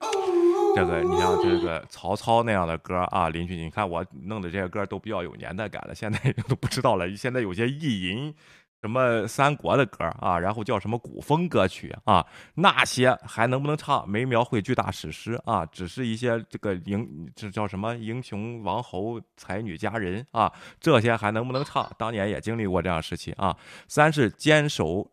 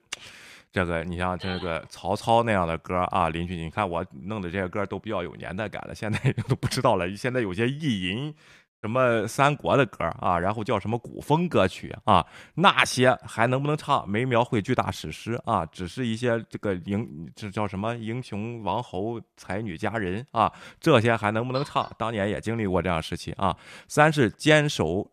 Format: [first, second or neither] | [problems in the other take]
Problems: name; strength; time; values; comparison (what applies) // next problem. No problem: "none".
second | dog barking; loud; until 1.5 s; peak 5 dB above the speech